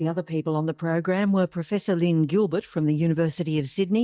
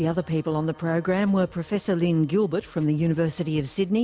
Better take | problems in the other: second | noise reduction (neural mask model DeepFilterNet 3)

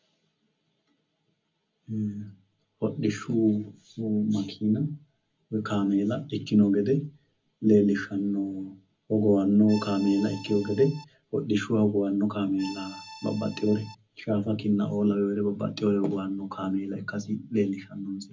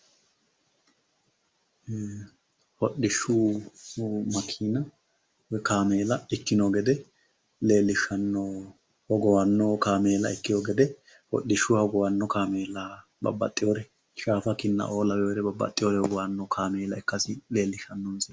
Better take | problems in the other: second | background sound (Accordion); 17 dB below the speech // room echo; dies away in 0.4 s

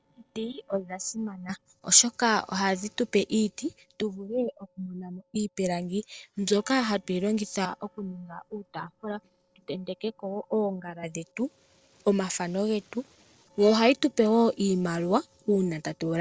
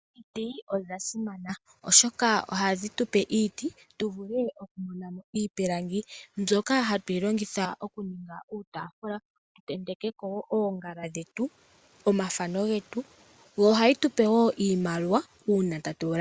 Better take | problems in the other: second | noise reduction (neural separator model SepFormer DNS4)

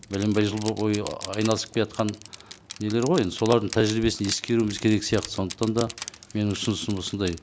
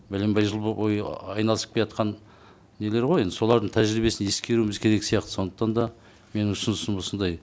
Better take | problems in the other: second | background sound (Crushing); 15 dB below the speech

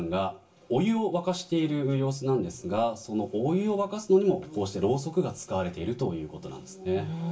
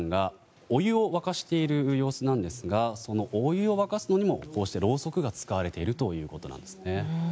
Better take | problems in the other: second | room echo; dies away in 0.2 s

